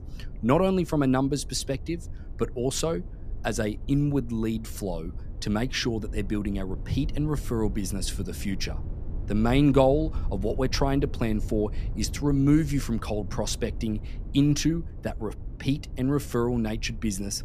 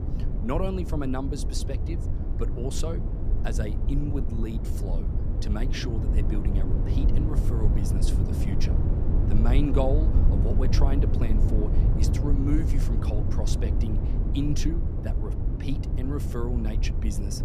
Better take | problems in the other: first | low rumble; loud; throughout; 3 dB below the speech; faint in the first

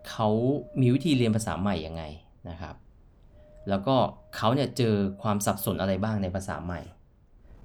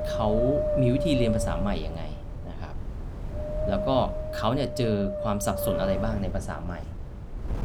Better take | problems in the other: first | wind noise on the microphone; heavy; 1 dB above the speech; occasional gusts in the first

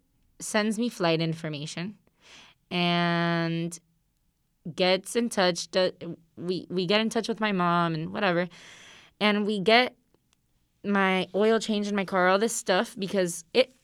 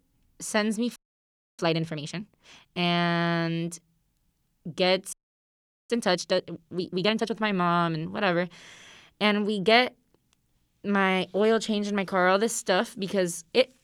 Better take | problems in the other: first | audio freezing; at 1 s for 0.5 s and at 5 s for 1 s

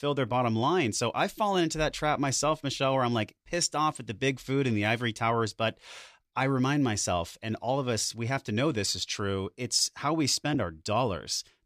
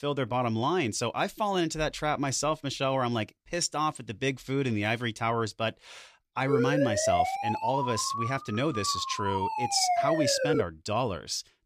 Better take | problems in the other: first | siren; loud; from 6.5 to 11 s; peak 3 dB above the speech

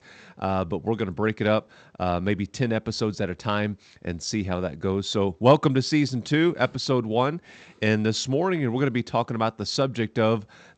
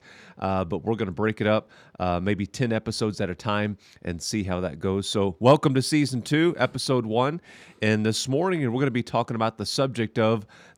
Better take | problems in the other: second | garbled, watery; slightly; nothing above 7.5 kHz

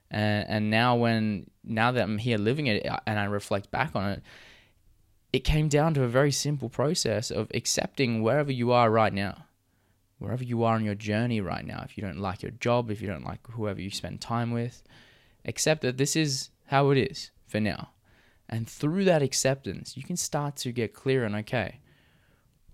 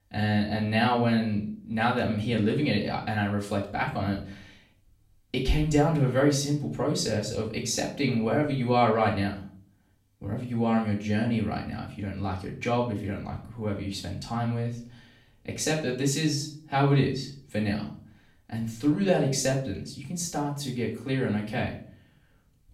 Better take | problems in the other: first | off-mic speech; far // room echo; slight; dies away in 0.4 s

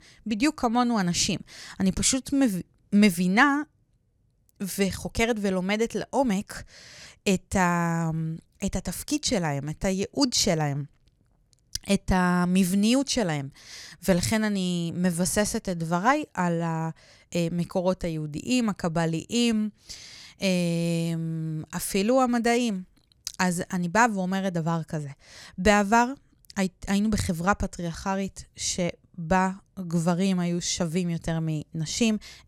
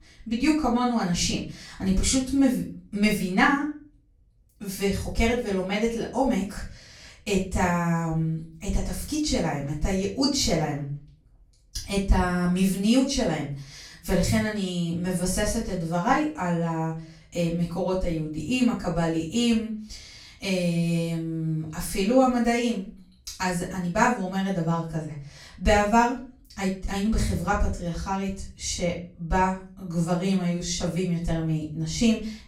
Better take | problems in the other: first | off-mic speech; far // room echo; slight; dies away in 0.3 s

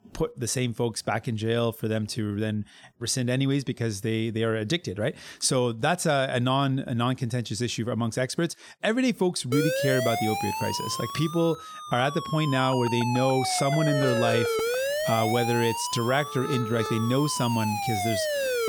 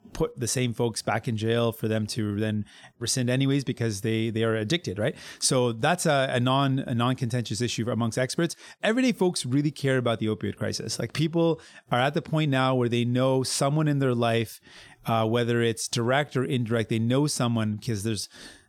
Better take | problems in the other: second | siren; loud; from 9.5 s on; peak 1 dB above the speech

